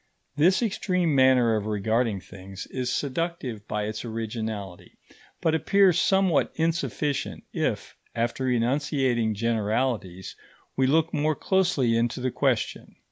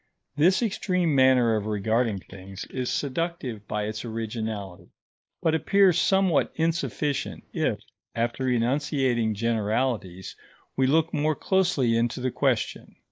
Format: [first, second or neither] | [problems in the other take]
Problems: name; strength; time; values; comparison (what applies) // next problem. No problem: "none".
first | noise reduction (neural mask model Resemble Enhance denoiser)